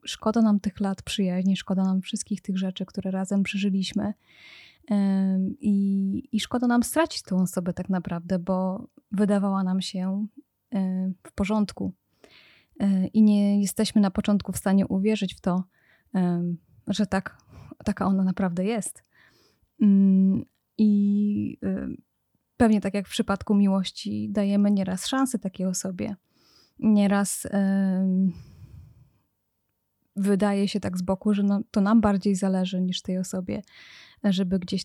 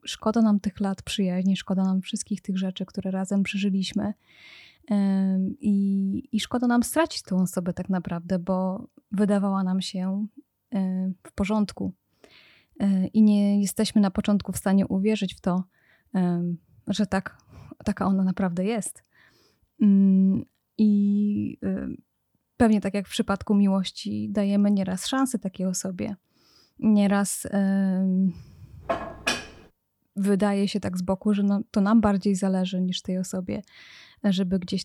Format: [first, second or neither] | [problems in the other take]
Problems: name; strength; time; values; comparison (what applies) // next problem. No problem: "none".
first | clattering dishes; noticeable; at 29 s; peak 3 dB below the speech